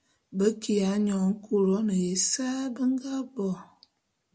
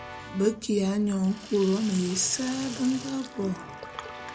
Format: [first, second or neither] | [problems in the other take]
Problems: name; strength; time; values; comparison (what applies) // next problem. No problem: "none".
first | background sound (Sink (filling or washing) / Water tap, faucet + Keyboard (musical) / Brass instrument); 13 dB below the speech